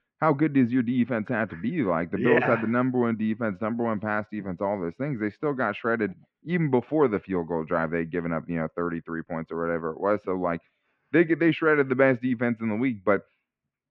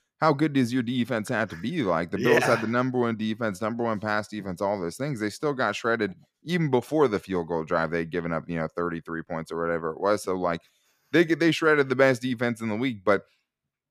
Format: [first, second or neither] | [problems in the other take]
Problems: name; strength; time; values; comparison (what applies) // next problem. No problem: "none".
second | muffled; very; fading above 2.5 kHz